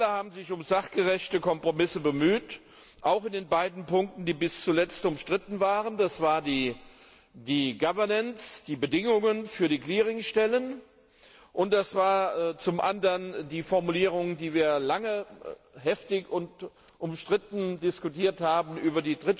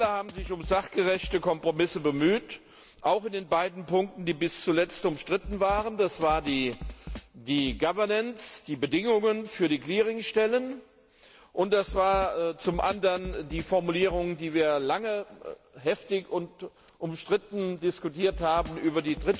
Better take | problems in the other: first | background sound (Drum kit); 17 dB below the speech

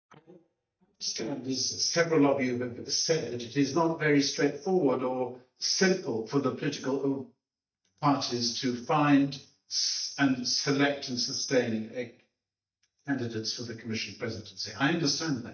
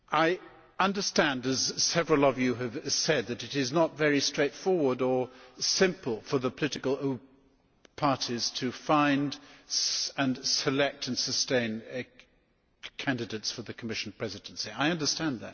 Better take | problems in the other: second | noise reduction (neural mask model DeepFilterNet 3)

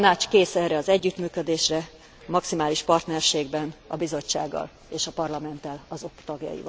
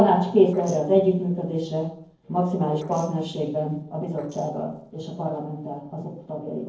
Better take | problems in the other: first | noise reduction (neural separator model SepFormer DNS4)

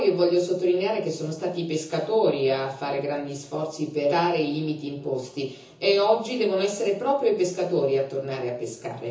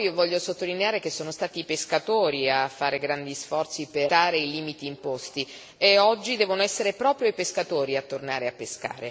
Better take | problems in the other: second | room echo; dies away in 0.6 s

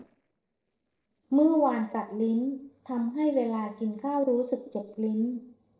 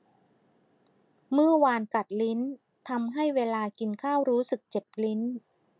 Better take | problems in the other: second | noise reduction (neural separator model SepFormer DNS4)

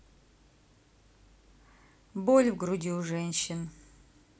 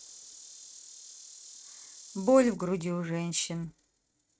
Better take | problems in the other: first | noise reduction (neural mask model RNNoise)

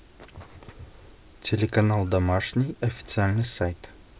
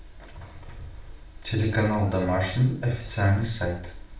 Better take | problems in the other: first | room echo; dies away in 0.5 s

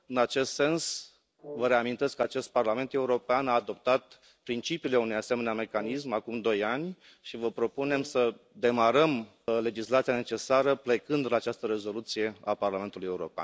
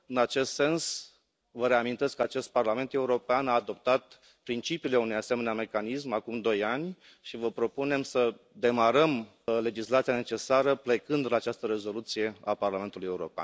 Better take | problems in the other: second | background sound (Brass instrument); 18 dB below the speech

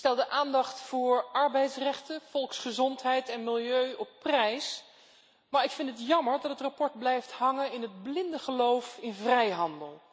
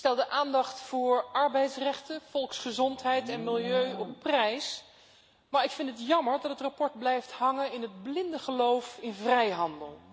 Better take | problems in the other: first | background sound (Livestock, farm animals, working animals); 20 dB below the speech

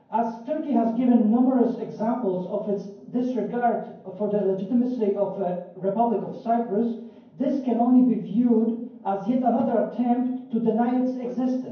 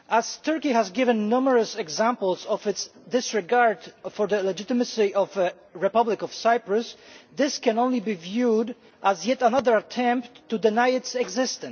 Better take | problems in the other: second | room echo; dies away in 0.9 s

